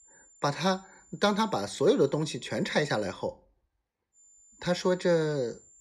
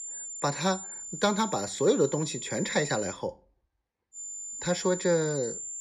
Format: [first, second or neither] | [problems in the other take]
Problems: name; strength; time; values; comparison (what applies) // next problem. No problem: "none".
first | high-pitched whine; loud; until 3 s and from 4 s on; 7 kHz, 8 dB below the speech; faint in the first